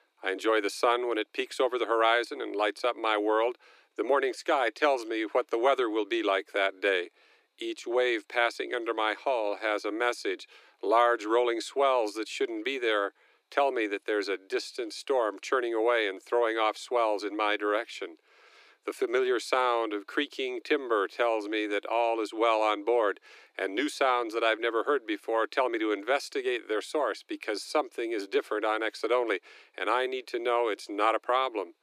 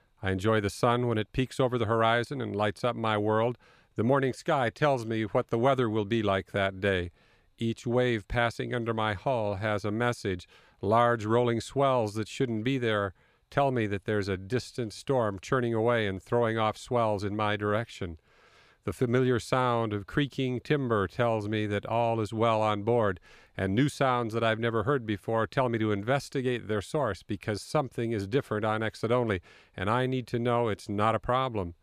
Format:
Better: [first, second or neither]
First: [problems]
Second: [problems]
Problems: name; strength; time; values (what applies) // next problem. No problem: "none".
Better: second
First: thin; very; fading below 300 Hz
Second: none